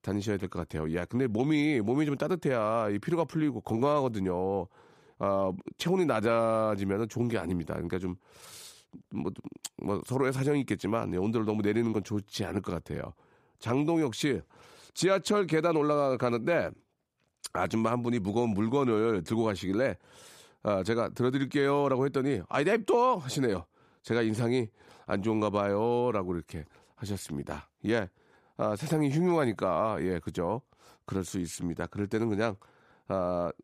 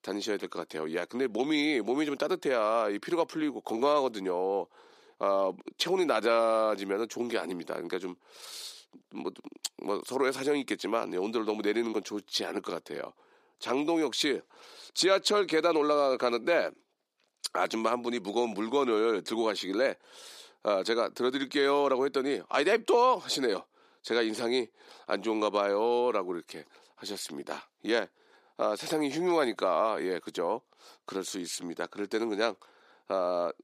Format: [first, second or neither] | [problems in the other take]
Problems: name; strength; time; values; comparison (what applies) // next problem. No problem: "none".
first | thin; somewhat; fading below 300 Hz